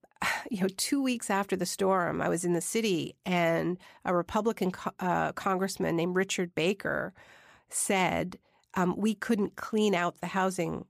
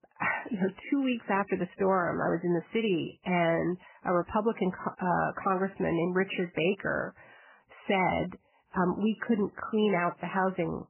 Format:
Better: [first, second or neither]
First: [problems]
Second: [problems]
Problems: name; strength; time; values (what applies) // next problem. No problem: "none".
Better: first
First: none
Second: garbled, watery; badly; nothing above 3 kHz